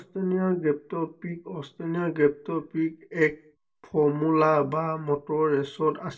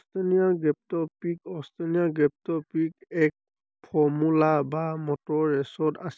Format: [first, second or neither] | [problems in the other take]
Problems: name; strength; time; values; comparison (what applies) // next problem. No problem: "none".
second | room echo; dies away in 0.2 s